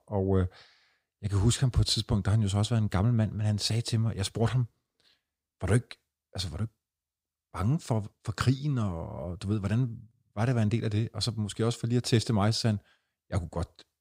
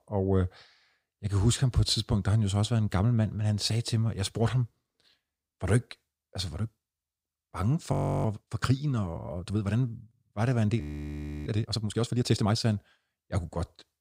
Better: first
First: none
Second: audio freezing; at 8 s and at 11 s for 0.5 s

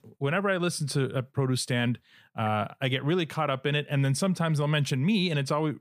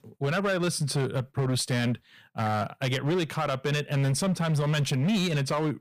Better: first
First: none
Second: distortion; slight; 16% of the sound clipped

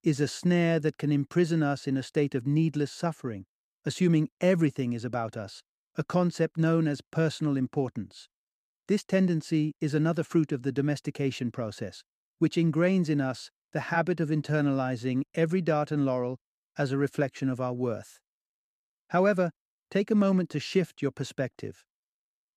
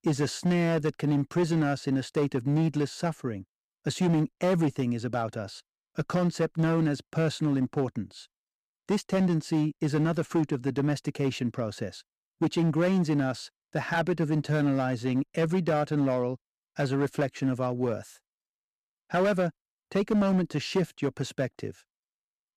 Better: first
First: none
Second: distortion; slight; 8% of the sound clipped

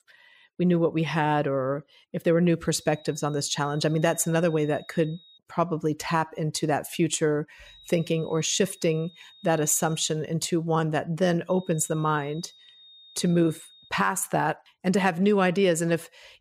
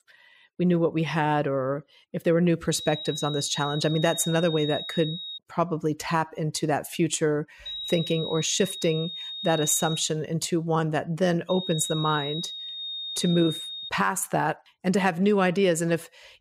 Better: first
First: high-pitched whine; faint; from 2.5 to 5.5 s, from 7.5 to 10 s and from 11 to 14 s; 4 kHz, 25 dB below the speech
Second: high-pitched whine; loud; from 2.5 to 5.5 s, from 7.5 to 10 s and from 11 to 14 s; 4 kHz, 7 dB below the speech

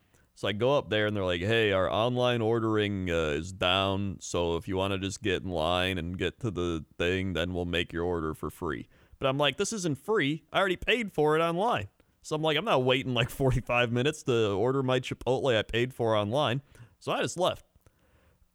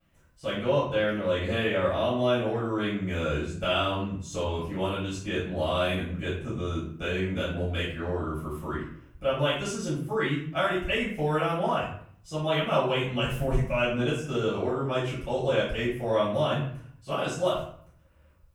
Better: first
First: none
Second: off-mic speech; far // room echo; noticeable; dies away in 0.5 s

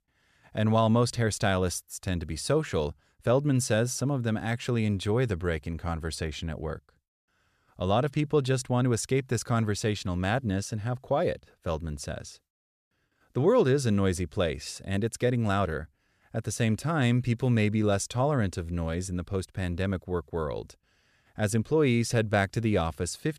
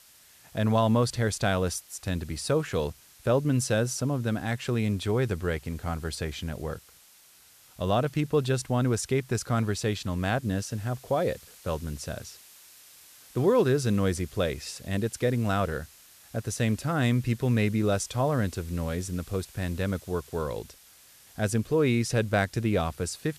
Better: first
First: none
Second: hiss; faint; throughout; 25 dB below the speech

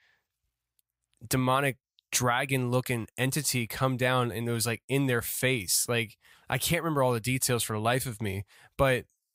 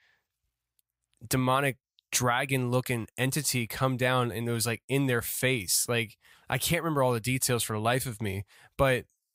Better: neither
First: none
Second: none

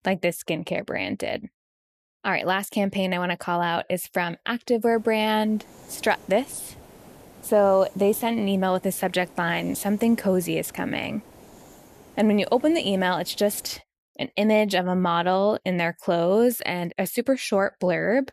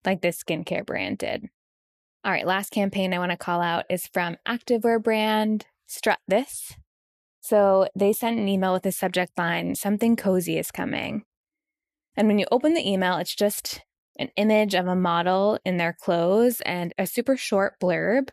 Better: second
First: hiss; faint; from 5 to 14 s; 25 dB below the speech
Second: none

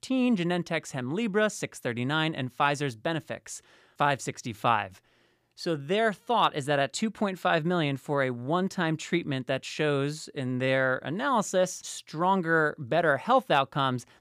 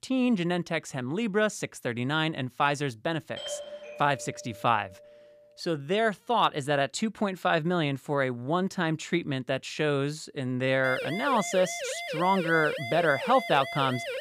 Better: first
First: none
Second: doorbell; noticeable; from 3.5 to 5 s; peak 9 dB below the speech // siren; noticeable; from 11 s on; peak 6 dB below the speech

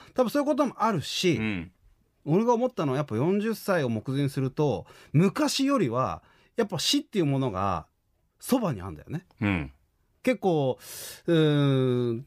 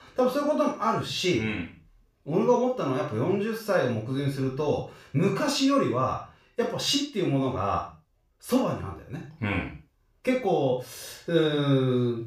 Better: first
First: none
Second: room echo; noticeable; dies away in 0.3 s // off-mic speech; far

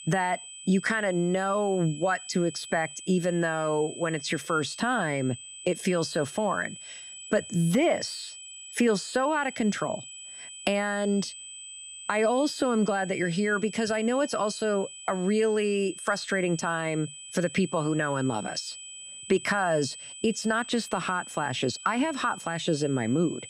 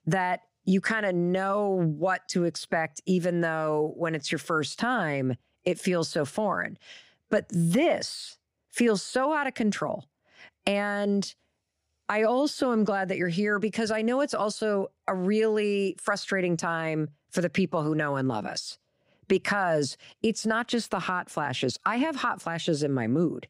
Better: second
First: high-pitched whine; noticeable; throughout; 8 kHz, 15 dB below the speech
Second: none

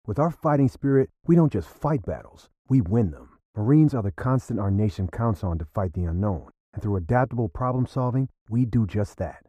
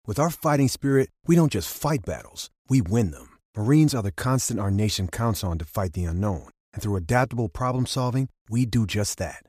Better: second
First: muffled; very; fading above 2 kHz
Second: none

